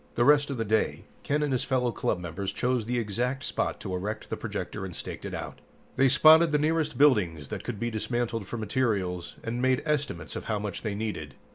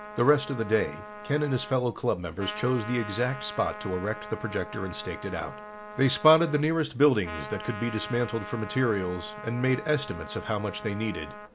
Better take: first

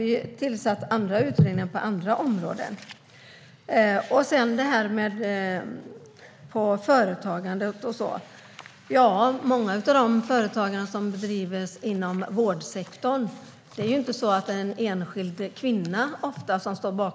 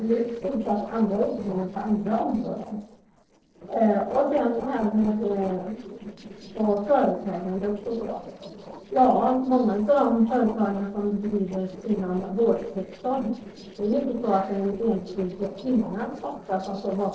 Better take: first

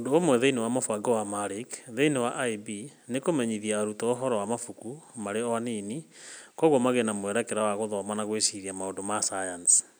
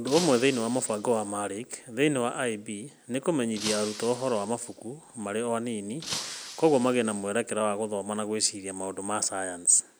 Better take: first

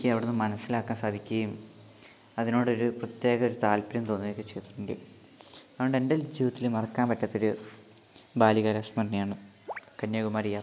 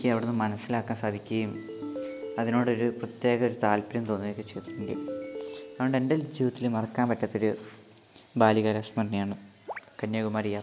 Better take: first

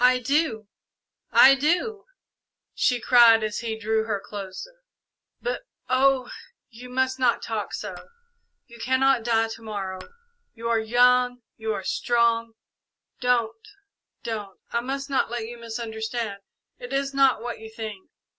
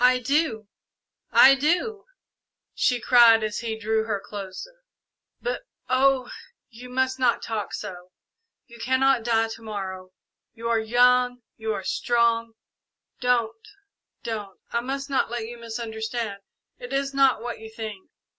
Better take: second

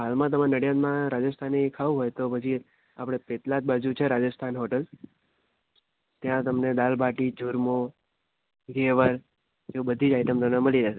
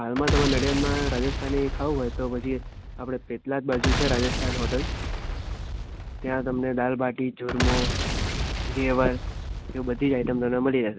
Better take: first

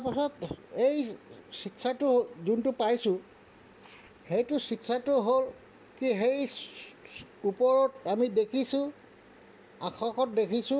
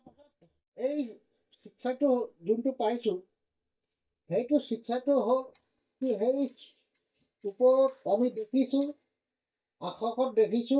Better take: first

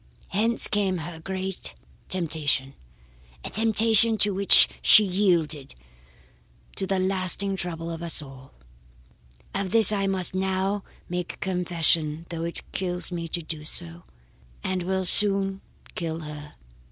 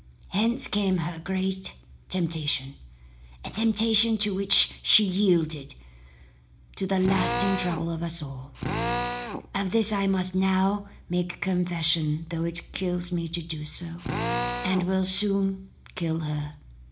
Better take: first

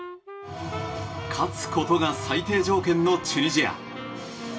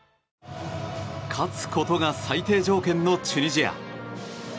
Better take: second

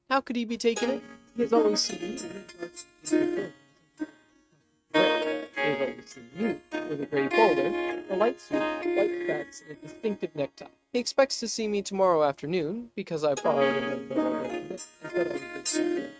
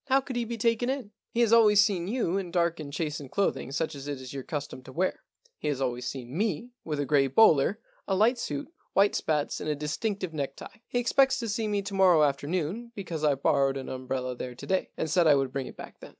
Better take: second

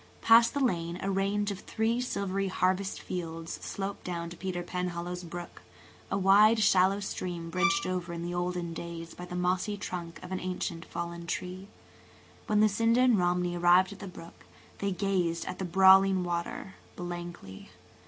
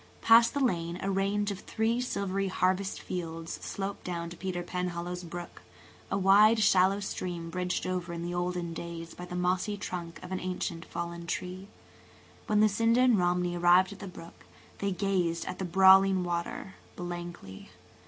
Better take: second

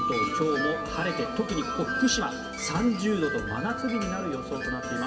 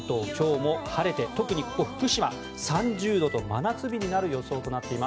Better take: second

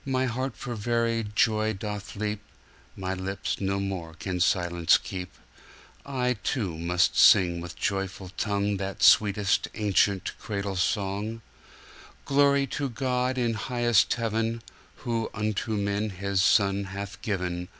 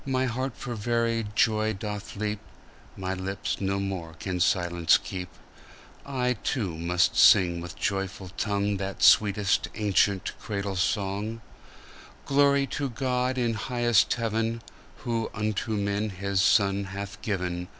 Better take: first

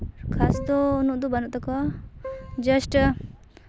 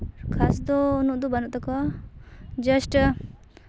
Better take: second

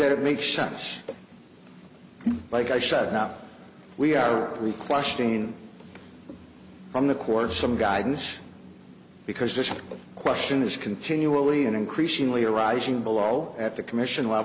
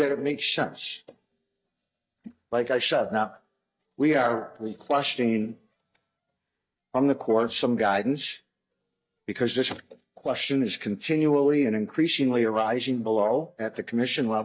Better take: first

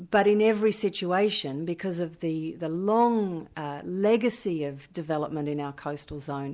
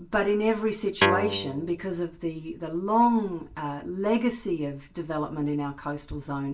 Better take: first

